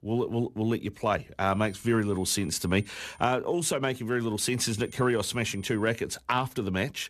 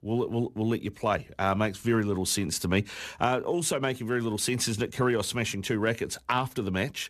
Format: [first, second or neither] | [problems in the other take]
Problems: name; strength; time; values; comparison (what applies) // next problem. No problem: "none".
second | high-pitched whine; faint; from 1.5 to 3 s and from 4.5 to 6 s; 9 kHz, 25 dB below the speech